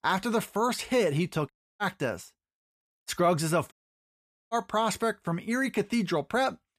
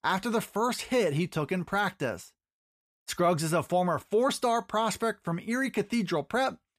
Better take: second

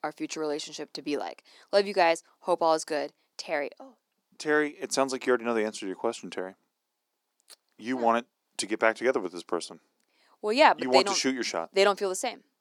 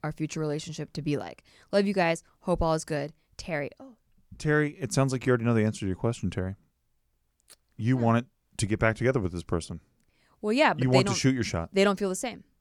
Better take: second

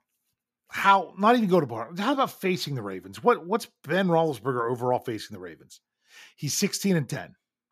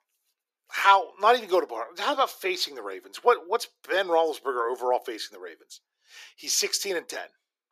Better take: first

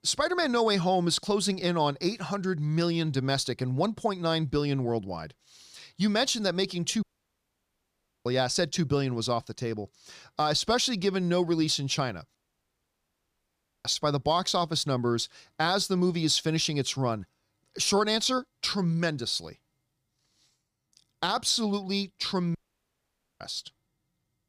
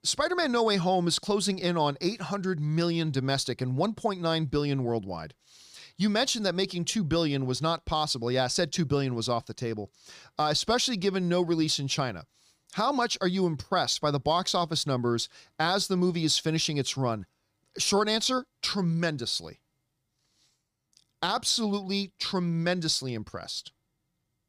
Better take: second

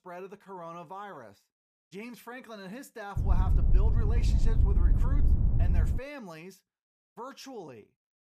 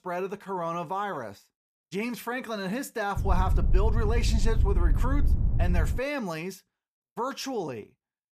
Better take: second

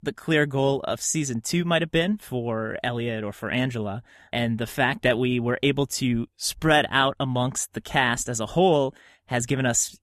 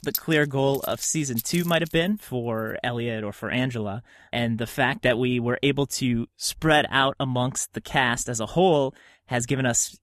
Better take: first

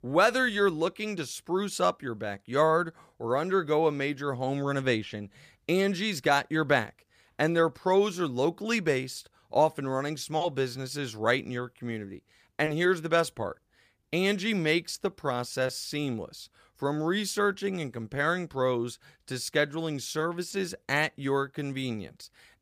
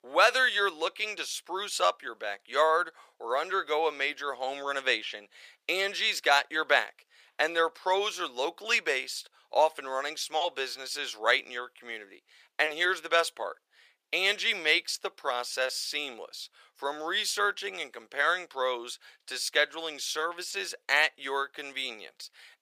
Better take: first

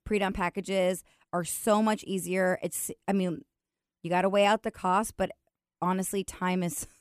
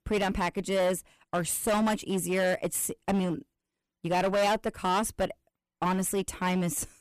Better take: first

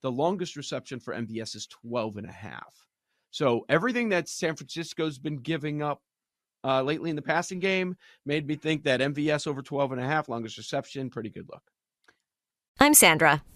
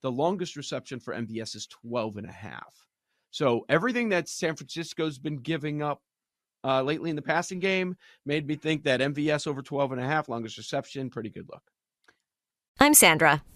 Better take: neither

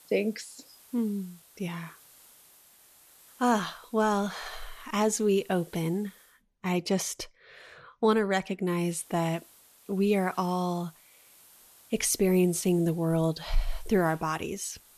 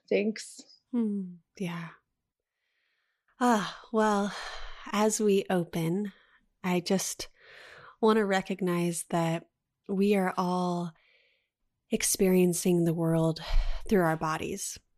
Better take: second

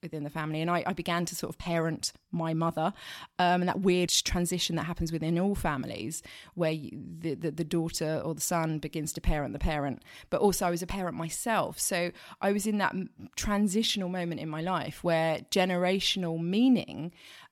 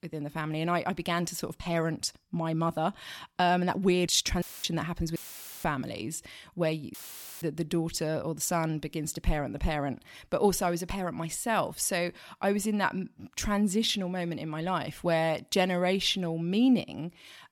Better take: first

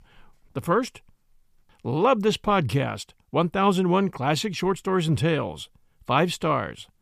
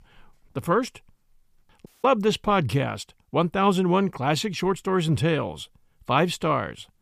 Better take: first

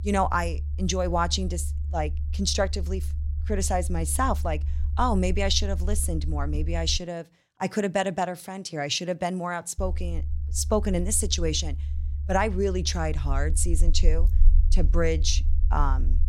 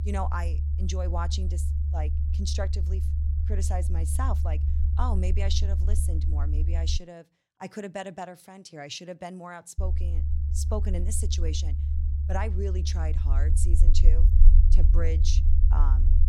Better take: first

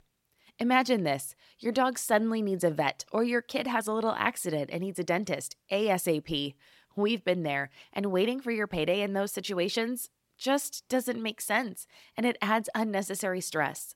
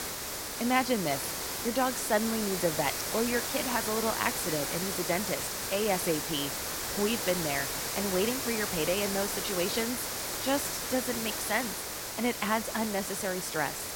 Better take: first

